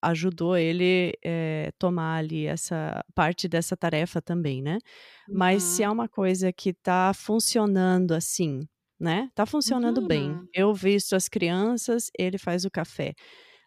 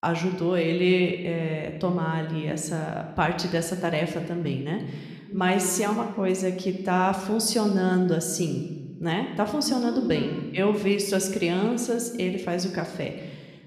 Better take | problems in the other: first | room echo; slight; dies away in 1.1 s

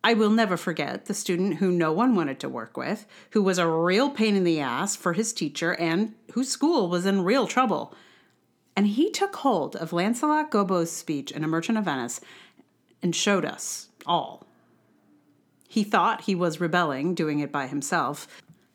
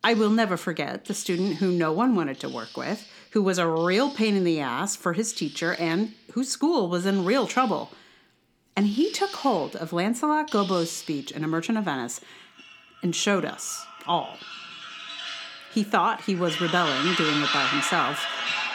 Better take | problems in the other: first | machinery noise; loud; throughout; 5 dB below the speech

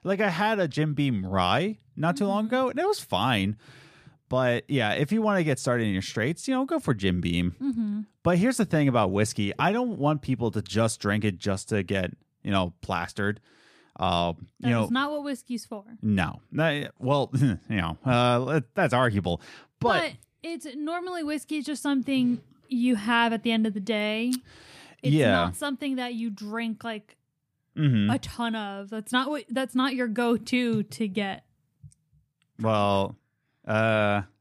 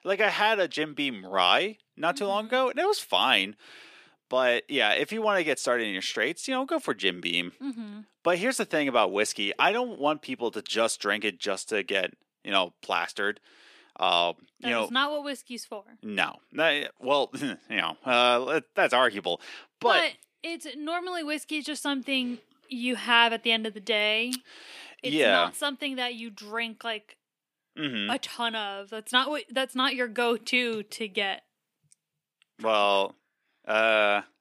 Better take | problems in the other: first | thin; somewhat; fading below 350 Hz

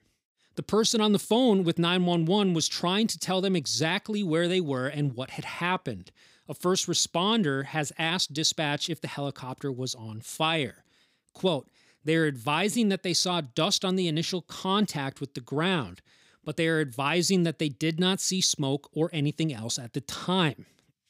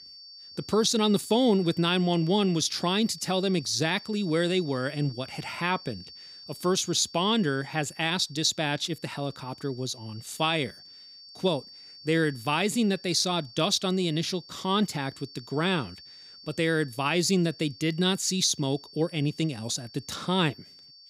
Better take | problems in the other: first | high-pitched whine; noticeable; throughout; 4.5 kHz, 20 dB below the speech

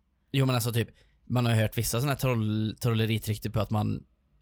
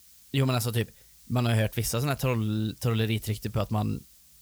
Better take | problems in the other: first | hiss; faint; throughout; 25 dB below the speech

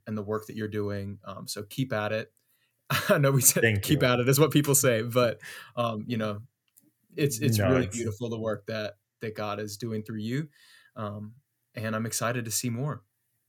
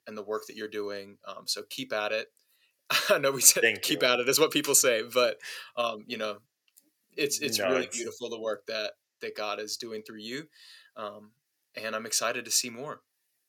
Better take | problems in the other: first | thin; somewhat; fading below 400 Hz

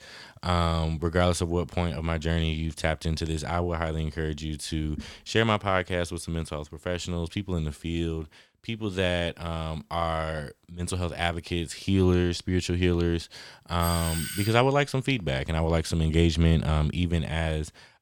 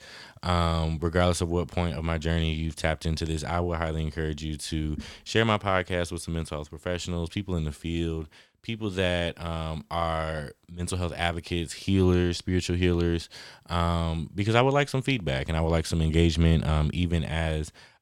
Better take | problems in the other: second | doorbell; noticeable; at 14 s; peak 4 dB below the speech

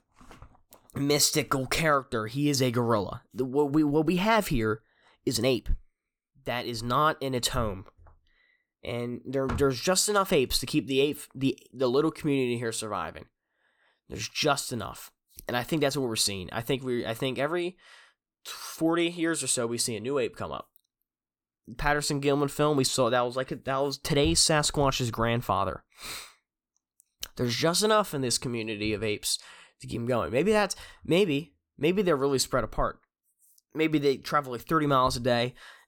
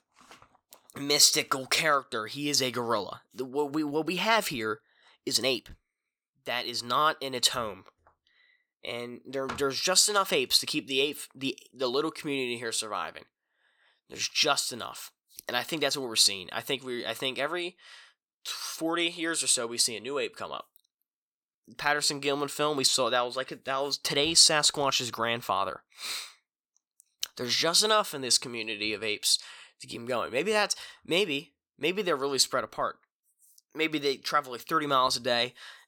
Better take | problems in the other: first | thin; very slightly; fading below 1 kHz

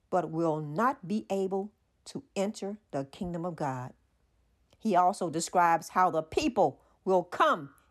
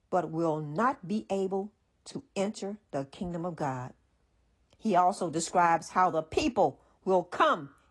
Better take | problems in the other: first | garbled, watery; slightly

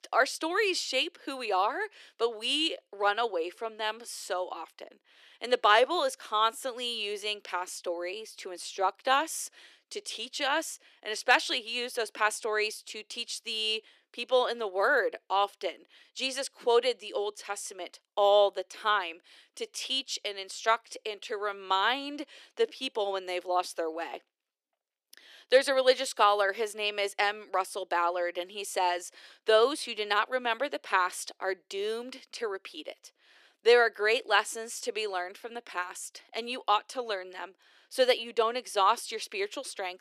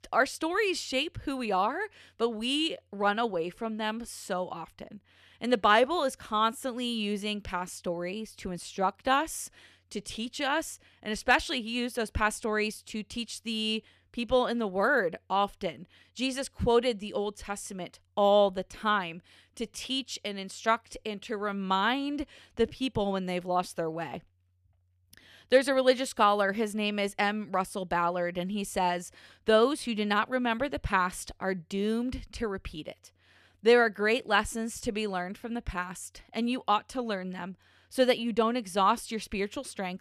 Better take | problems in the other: second | thin; somewhat; fading below 300 Hz

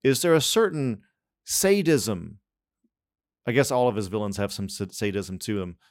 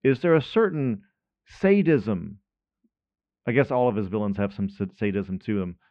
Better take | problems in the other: first | muffled; very; fading above 2.5 kHz

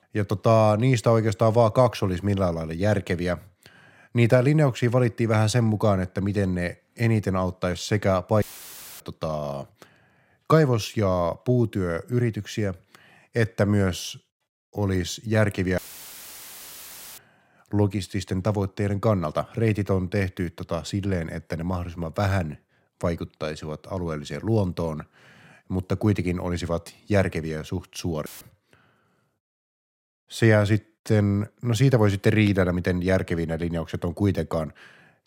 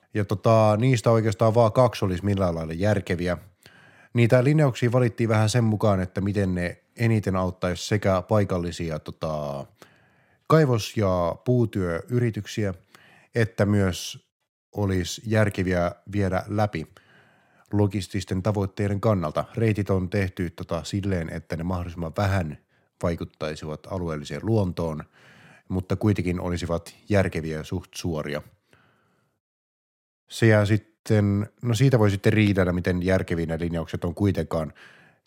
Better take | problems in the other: second | audio cutting out; filled with static; at 8.5 s for 0.5 s, at 16 s for 1.5 s and at 28 s

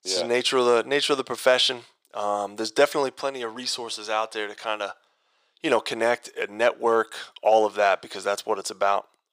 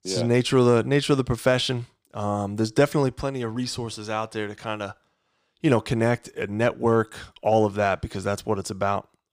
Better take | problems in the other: second | thin; very; fading below 550 Hz

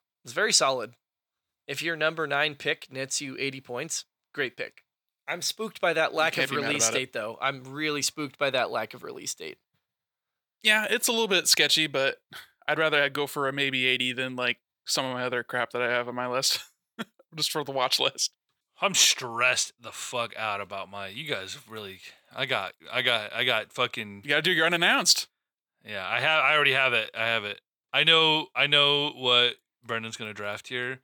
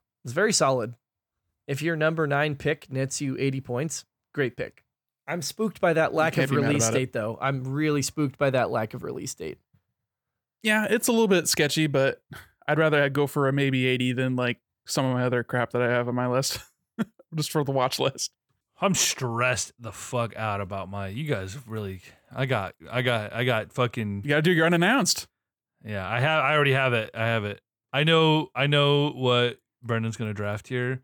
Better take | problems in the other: second | thin; somewhat; fading below 750 Hz

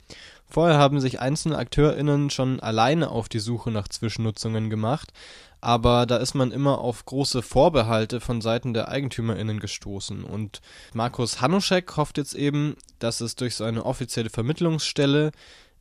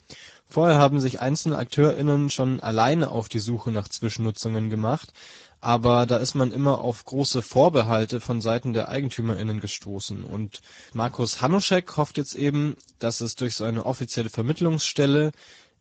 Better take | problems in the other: first | garbled, watery; badly; nothing above 7.5 kHz

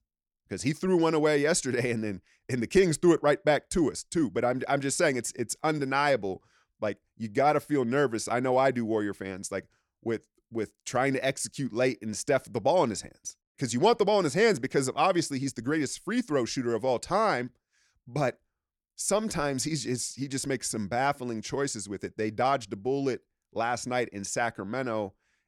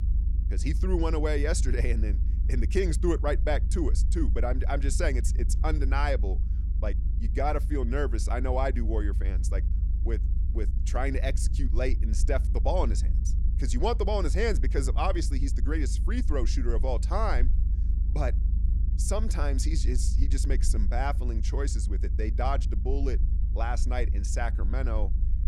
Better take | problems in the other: first | low rumble; noticeable; throughout; 15 dB below the speech

